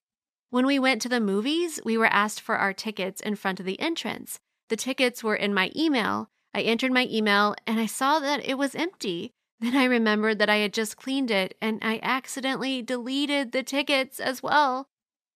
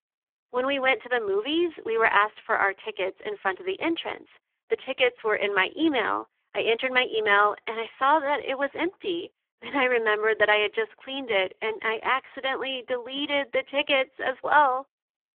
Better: first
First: none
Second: phone-call audio; poor line; nothing above 3.5 kHz

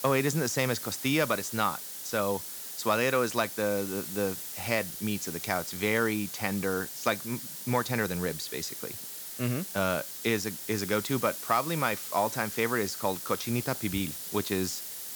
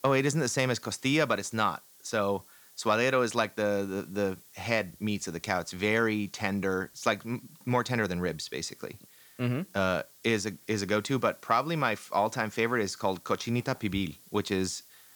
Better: second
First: hiss; loud; throughout; 6 dB below the speech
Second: hiss; faint; throughout; 25 dB below the speech

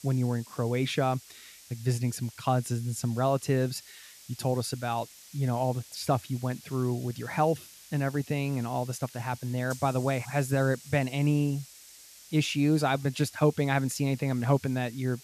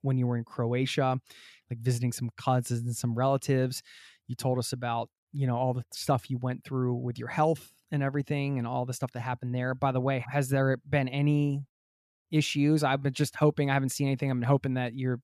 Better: second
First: hiss; noticeable; throughout; 20 dB below the speech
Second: none

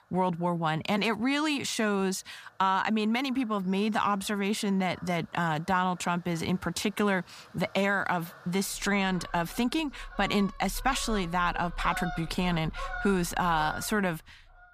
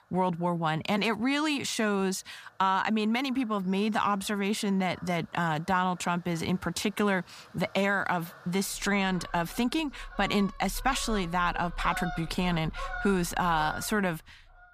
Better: neither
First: animal sounds; noticeable; throughout; 15 dB below the speech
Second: animal sounds; noticeable; throughout; 15 dB below the speech

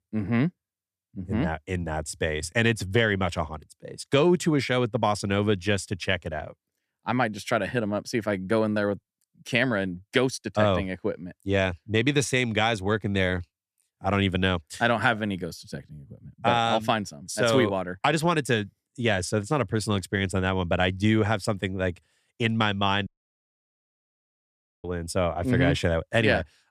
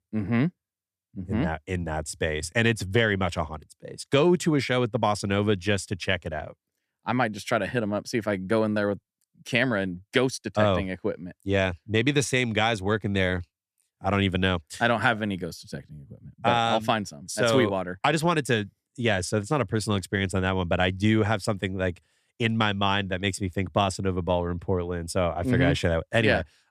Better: second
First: audio cutting out; at 23 s for 2 s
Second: none

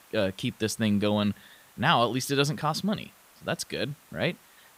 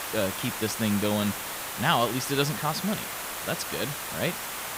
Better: first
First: hiss; faint; throughout; 25 dB below the speech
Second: hiss; loud; throughout; 4 dB below the speech

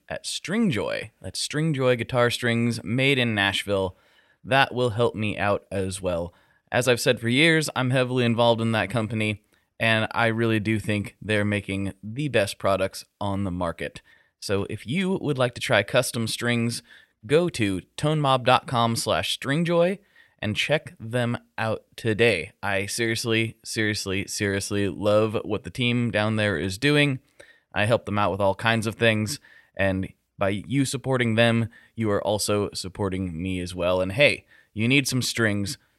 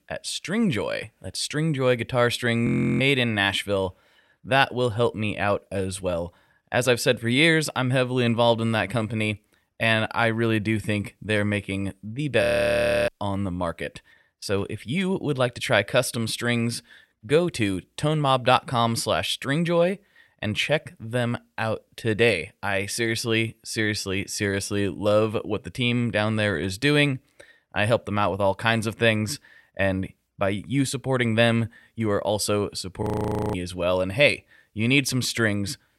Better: first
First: none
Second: audio freezing; at 2.5 s, at 12 s for 0.5 s and at 33 s for 0.5 s

